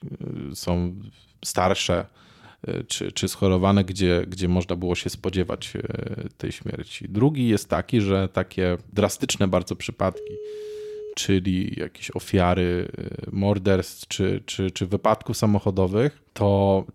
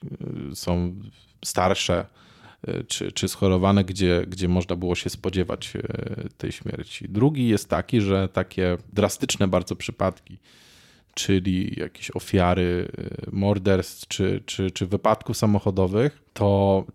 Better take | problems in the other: second | phone ringing; faint; from 10 to 11 s; peak 10 dB below the speech

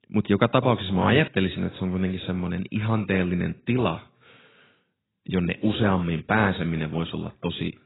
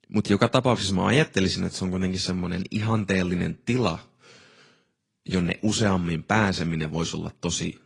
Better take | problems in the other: second | garbled, watery; badly; nothing above 4 kHz; slightly in the second

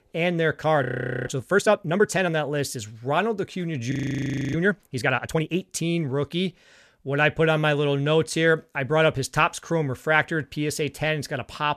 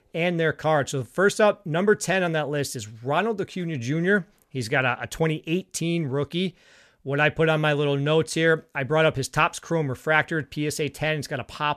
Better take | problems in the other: second | audio freezing; at 1 s and at 4 s for 0.5 s

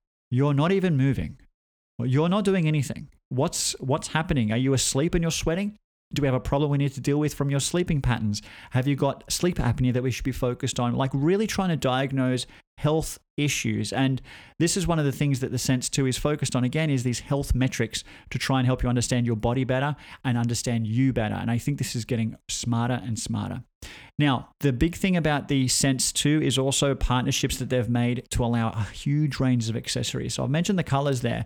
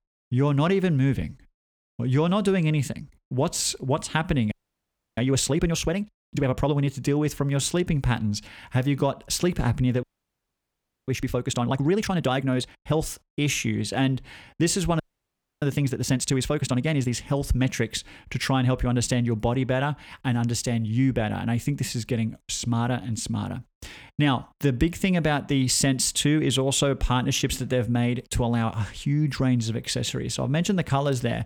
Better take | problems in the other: first | audio freezing; at 4.5 s for 0.5 s, at 10 s for 1 s and at 15 s for 0.5 s

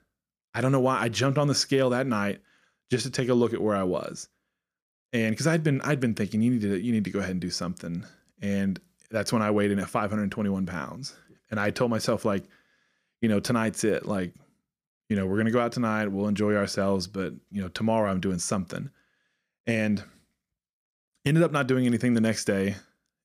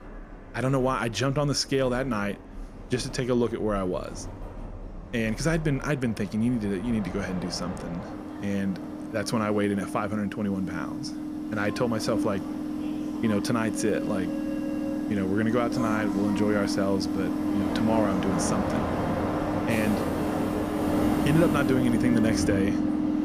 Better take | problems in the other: first | train or aircraft noise; loud; throughout; 1 dB below the speech

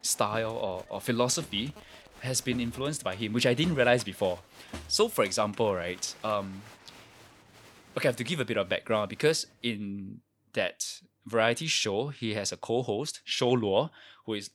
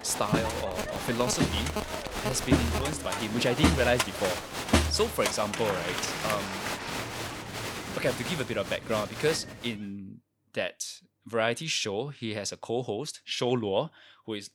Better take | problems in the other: first | crowd noise; loud; until 9.5 s; as loud as the speech; faint in the first

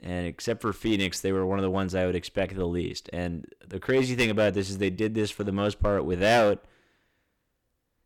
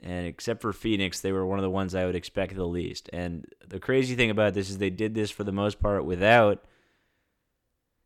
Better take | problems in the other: second | distortion; slight; 3% of the sound clipped

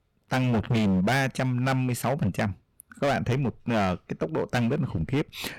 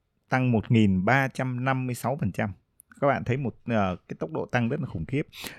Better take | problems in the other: second | distortion; heavy; 15% of the sound clipped

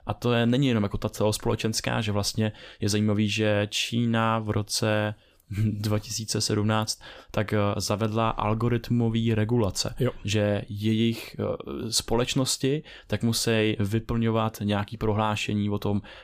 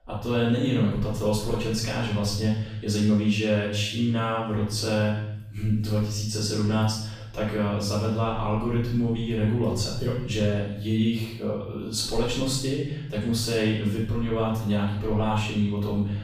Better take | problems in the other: first | off-mic speech; far // room echo; noticeable; dies away in 0.9 s

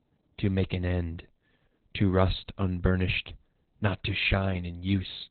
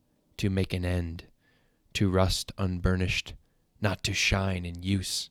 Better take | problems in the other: second | garbled, watery; badly; nothing above 4 kHz

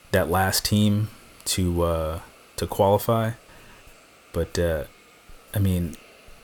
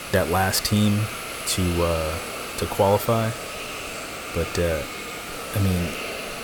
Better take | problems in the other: first | hiss; loud; throughout; 7 dB below the speech; faint in the first

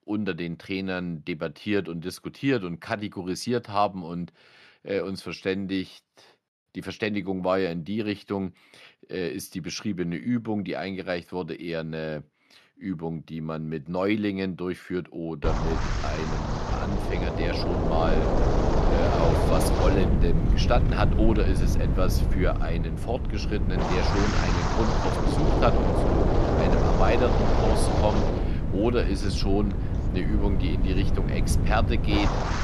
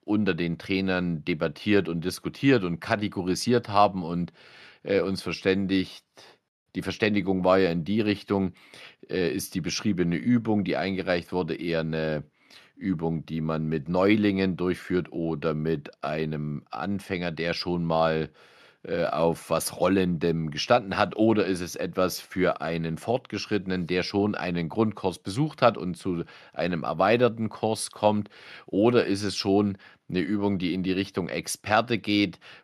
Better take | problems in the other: second | wind noise on the microphone; heavy; from 15 s on; 1 dB above the speech

